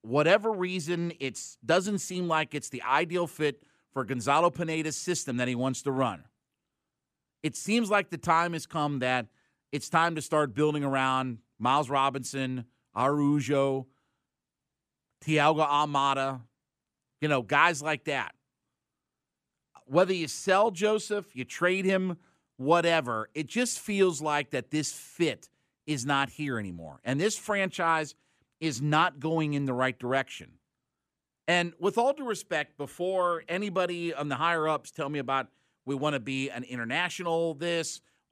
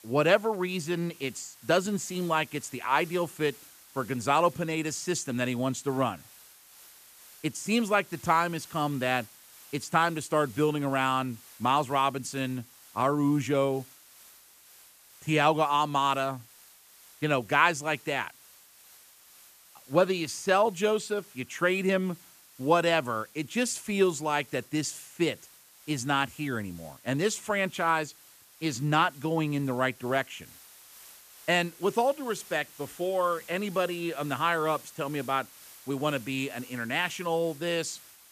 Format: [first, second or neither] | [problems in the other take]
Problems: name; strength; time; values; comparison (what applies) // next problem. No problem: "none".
first | hiss; faint; throughout; 20 dB below the speech